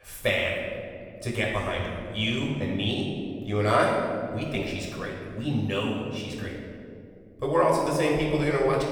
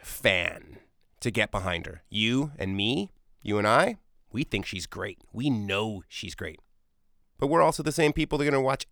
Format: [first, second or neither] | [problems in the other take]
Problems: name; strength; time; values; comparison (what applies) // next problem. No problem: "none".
second | off-mic speech; far // room echo; noticeable; dies away in 2.3 s